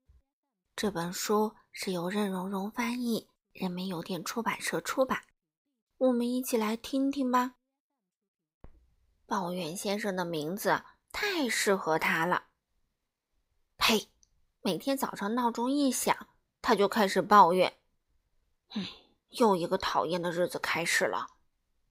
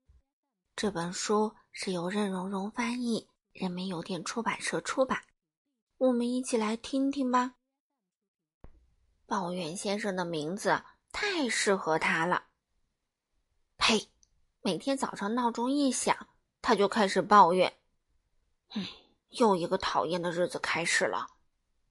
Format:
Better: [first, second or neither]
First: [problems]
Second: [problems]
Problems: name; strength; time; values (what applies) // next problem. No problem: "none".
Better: first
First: none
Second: garbled, watery; slightly; nothing above 11 kHz